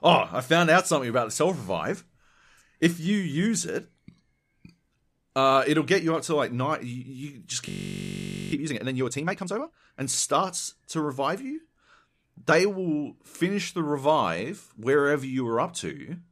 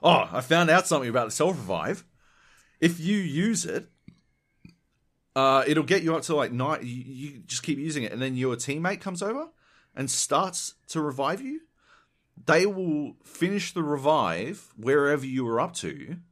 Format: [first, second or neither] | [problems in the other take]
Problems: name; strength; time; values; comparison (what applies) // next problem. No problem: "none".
second | audio freezing; at 7.5 s for 1 s